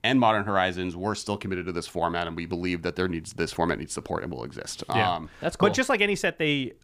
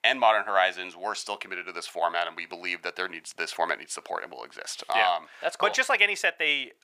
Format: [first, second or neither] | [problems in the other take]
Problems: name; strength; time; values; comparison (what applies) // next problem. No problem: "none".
first | thin; very; fading below 700 Hz